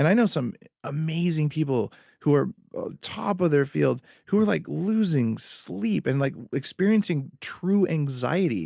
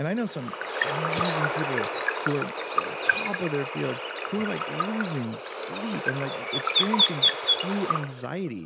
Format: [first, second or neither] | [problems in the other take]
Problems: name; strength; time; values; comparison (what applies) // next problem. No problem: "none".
first | background sound (Water / Bird); 4 dB above the speech